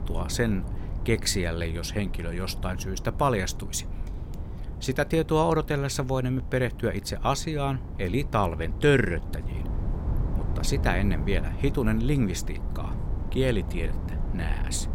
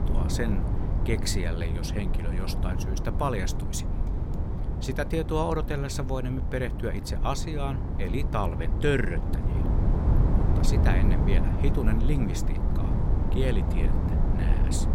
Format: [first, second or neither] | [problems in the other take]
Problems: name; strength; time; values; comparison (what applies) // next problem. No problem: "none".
first | wind noise on the microphone; heavy; 5 dB below the speech; occasional gusts in the first